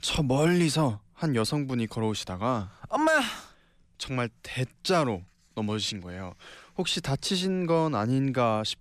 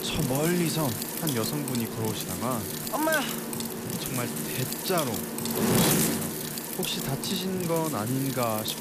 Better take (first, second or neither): first